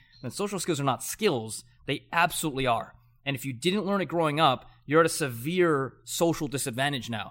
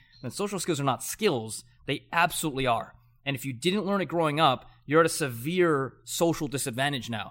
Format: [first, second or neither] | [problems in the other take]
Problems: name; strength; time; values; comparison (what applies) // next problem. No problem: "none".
neither | none